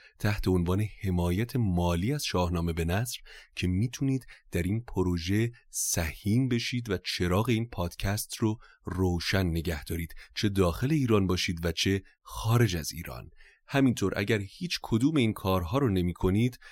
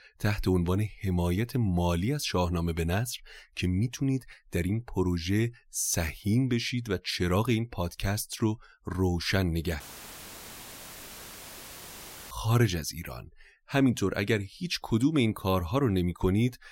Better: first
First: none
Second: audio cutting out; filled with static; at 10 s for 2.5 s

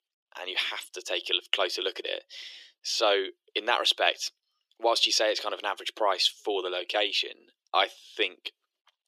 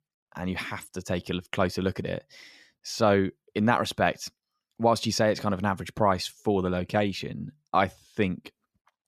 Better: second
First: thin; very; fading below 350 Hz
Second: none

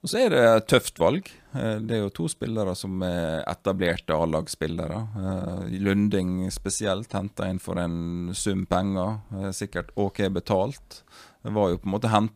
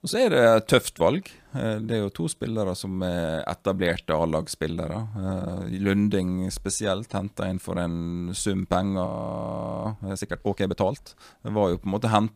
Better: first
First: none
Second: audio freezing; at 9 s for 1 s

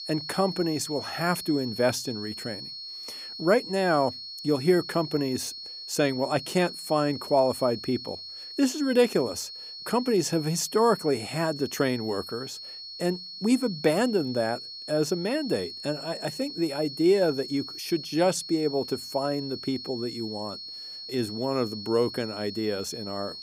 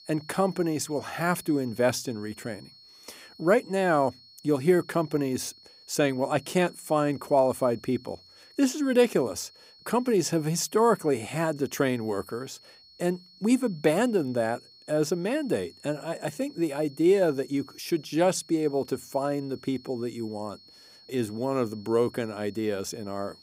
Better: second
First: high-pitched whine; loud; throughout; 4.5 kHz, 10 dB below the speech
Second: high-pitched whine; faint; throughout; 4.5 kHz, 25 dB below the speech

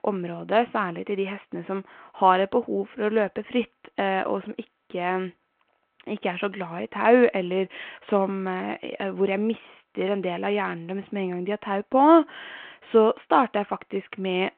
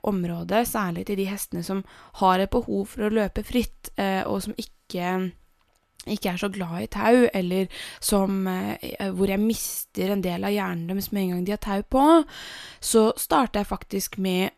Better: second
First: phone-call audio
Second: none

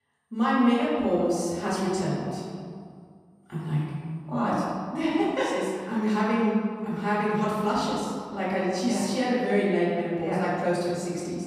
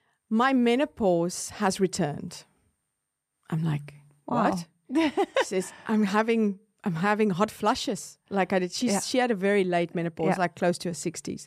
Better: second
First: room echo; strong; dies away in 1.9 s // off-mic speech; far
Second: none

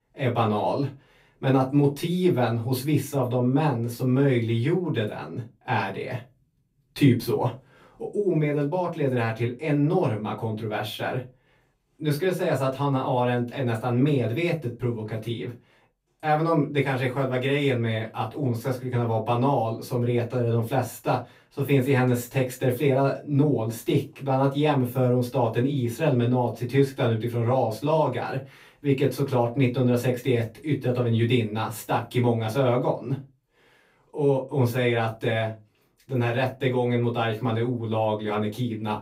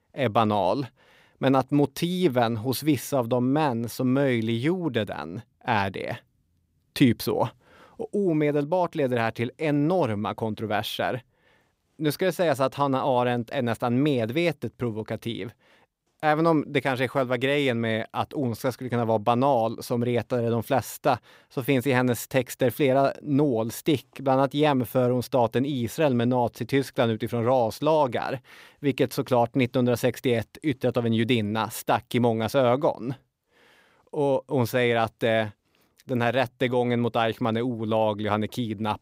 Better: second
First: off-mic speech; far // room echo; very slight; dies away in 0.2 s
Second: none

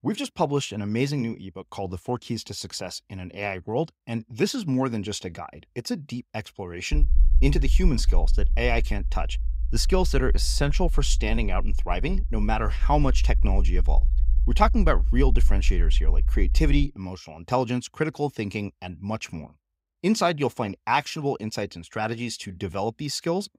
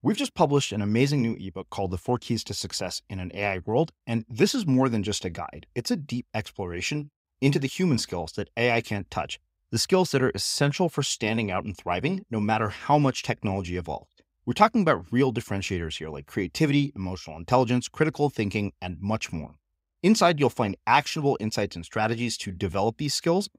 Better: second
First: low rumble; faint; from 7 to 17 s; 20 dB below the speech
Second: none

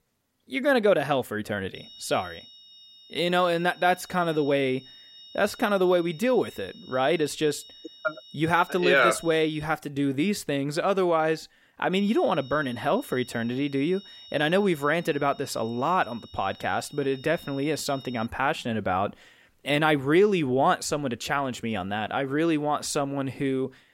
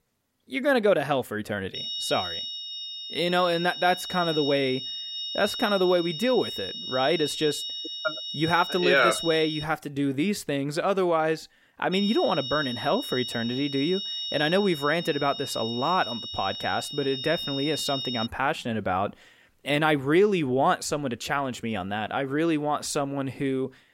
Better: first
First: high-pitched whine; faint; from 2 to 9.5 s and from 12 to 18 s; 4 kHz, 20 dB below the speech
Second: high-pitched whine; loud; from 2 to 9.5 s and from 12 to 18 s; 4 kHz, 6 dB below the speech

